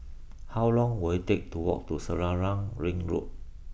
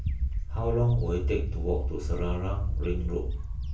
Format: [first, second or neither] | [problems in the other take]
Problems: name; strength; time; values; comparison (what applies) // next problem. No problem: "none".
first | background sound (Bird); as loud as the speech // room echo; dies away in 0.3 s